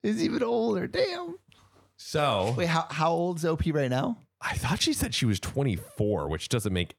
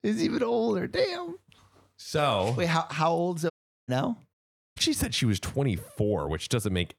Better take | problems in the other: first | audio cutting out; at 3.5 s and at 4.5 s

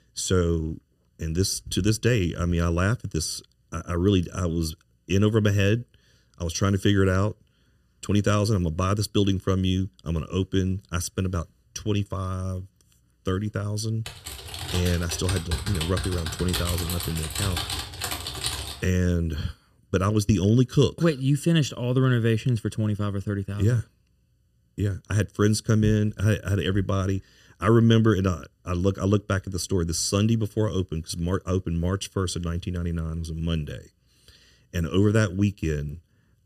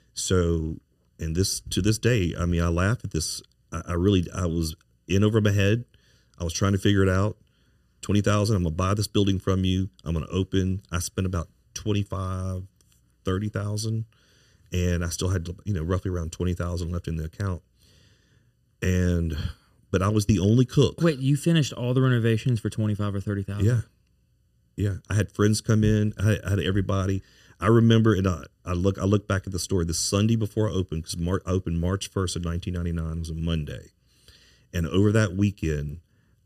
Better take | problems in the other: second | keyboard typing; noticeable; from 14 to 19 s; peak 3 dB below the speech

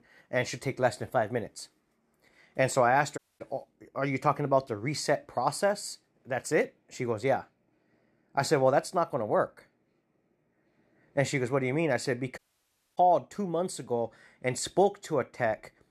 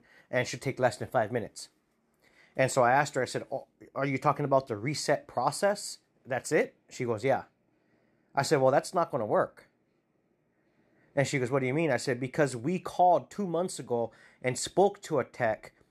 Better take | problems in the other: second | audio cutting out; at 3 s and at 12 s for 0.5 s

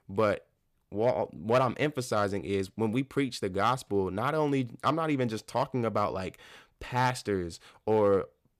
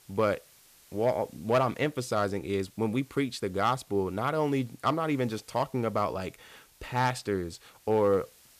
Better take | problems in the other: first | hiss; faint; throughout; 25 dB below the speech

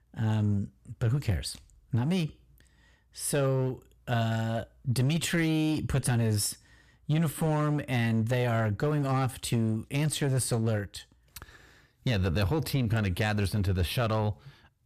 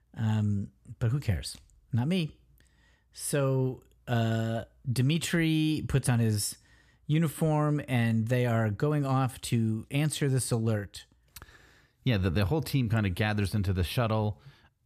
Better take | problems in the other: second | distortion; slight; 9% of the sound clipped

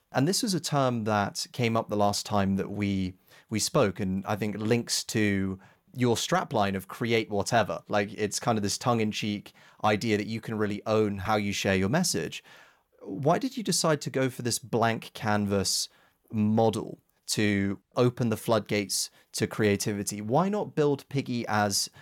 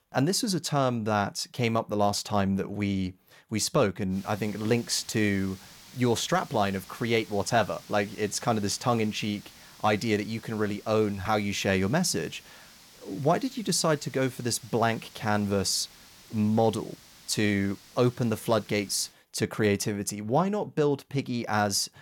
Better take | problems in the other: first | hiss; faint; from 4 to 19 s; 20 dB below the speech

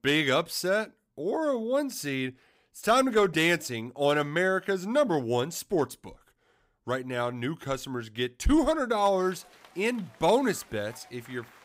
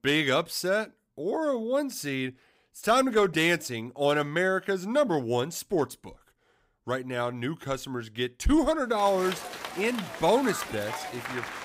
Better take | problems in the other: first | crowd noise; loud; from 9 s on; 9 dB below the speech; faint in the first

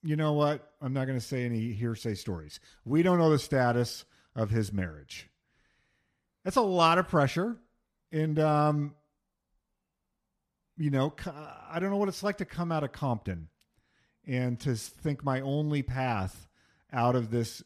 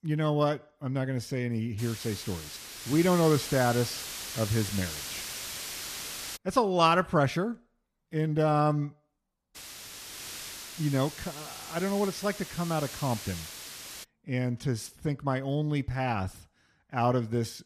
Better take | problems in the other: first | hiss; loud; from 2 to 6.5 s and from 9.5 to 14 s; 9 dB below the speech

